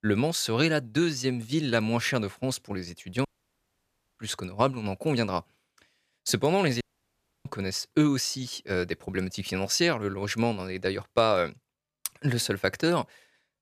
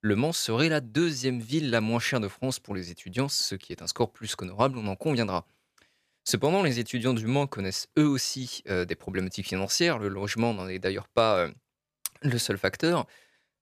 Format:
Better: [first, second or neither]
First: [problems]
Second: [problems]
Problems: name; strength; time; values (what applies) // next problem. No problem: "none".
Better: second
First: audio cutting out; at 3.5 s for 1 s and at 7 s for 0.5 s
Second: none